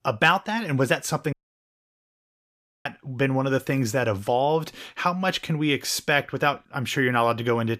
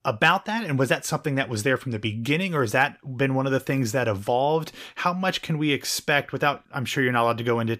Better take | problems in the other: second | audio cutting out; at 1.5 s for 1.5 s

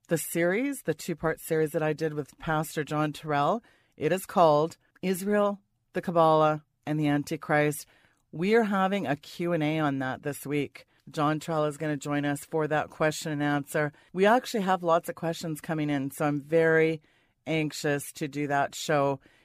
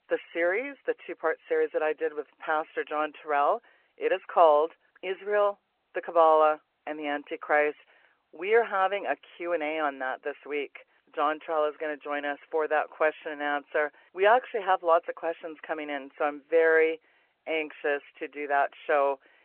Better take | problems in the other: first | phone-call audio

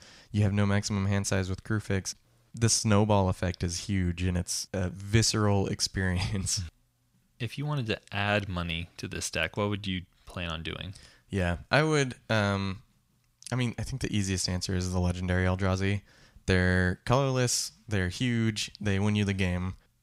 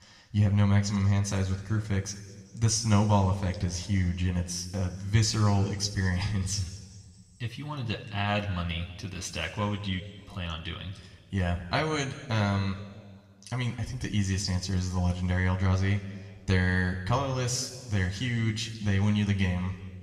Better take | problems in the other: first | room echo; slight; dies away in 1.6 s // off-mic speech; somewhat distant

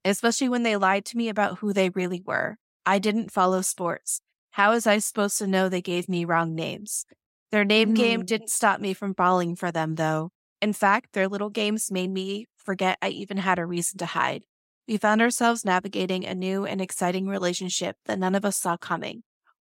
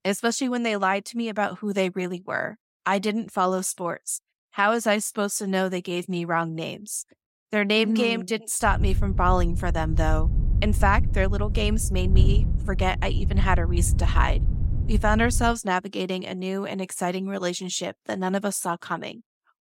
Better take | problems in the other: first | wind noise on the microphone; occasional gusts; from 8.5 to 16 s; 15 dB below the speech

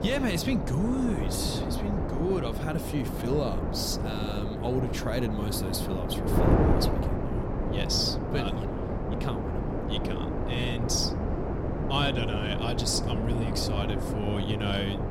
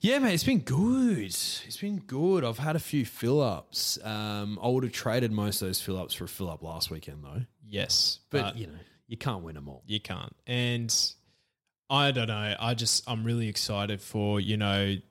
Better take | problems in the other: second | wind noise on the microphone; heavy; 2 dB below the speech

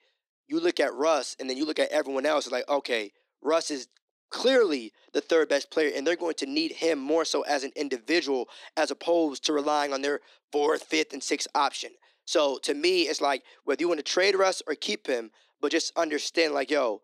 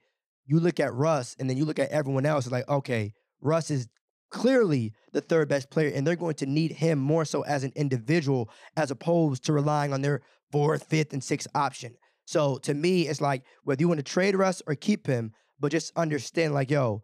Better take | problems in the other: second | thin; somewhat; fading below 300 Hz

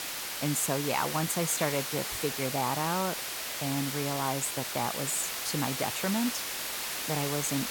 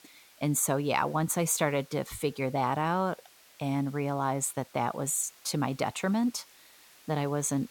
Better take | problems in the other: second | hiss; loud; throughout; 1 dB below the speech; faint in the second

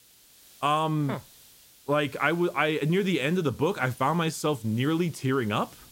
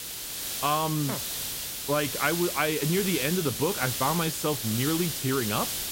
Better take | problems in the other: first | hiss; loud; throughout; 2 dB below the speech; faint in the first

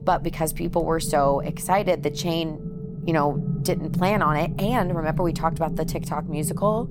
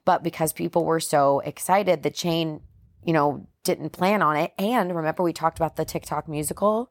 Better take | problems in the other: second | low rumble; noticeable; throughout; 15 dB below the speech

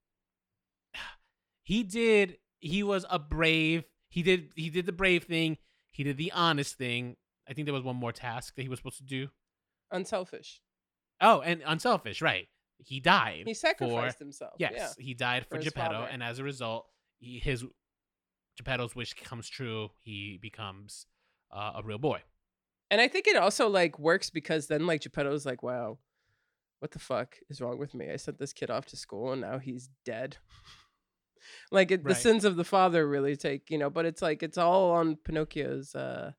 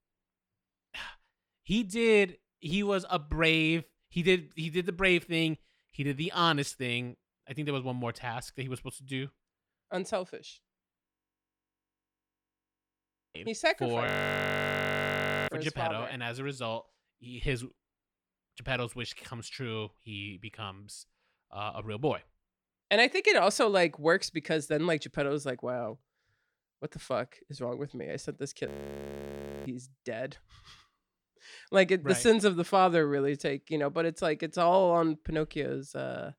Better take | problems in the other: first | audio freezing; at 11 s for 2.5 s, at 14 s for 1.5 s and at 29 s for 1 s

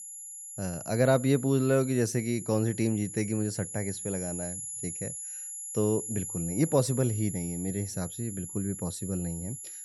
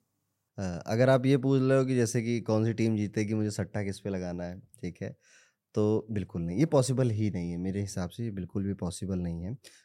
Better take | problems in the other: second | high-pitched whine; loud; throughout; 11 kHz, 7 dB below the speech

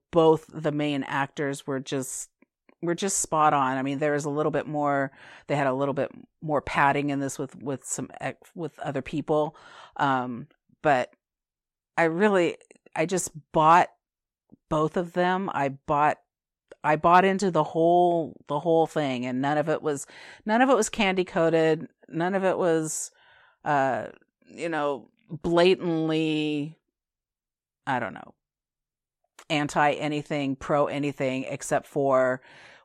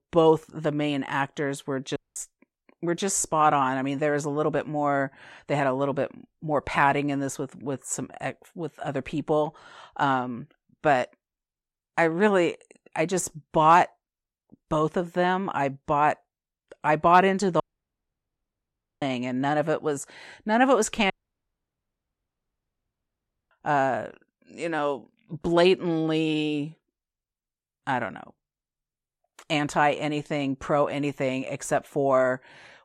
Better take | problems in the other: first | audio cutting out; at 2 s, at 18 s for 1.5 s and at 21 s for 2.5 s

